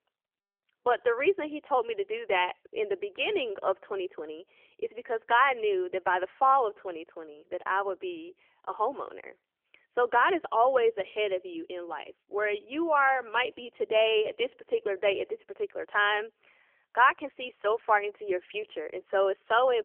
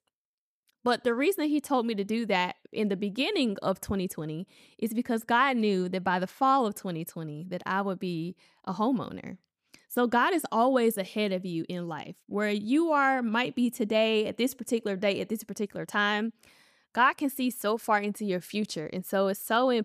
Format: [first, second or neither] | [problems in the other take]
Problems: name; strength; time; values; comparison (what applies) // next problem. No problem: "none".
second | phone-call audio; nothing above 3 kHz